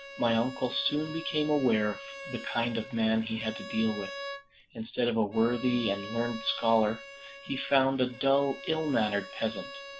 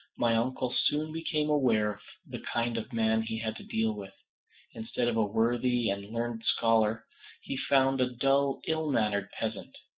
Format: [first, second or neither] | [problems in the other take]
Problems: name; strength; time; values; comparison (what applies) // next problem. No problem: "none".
second | background sound (Bowed string instrument); 14 dB below the speech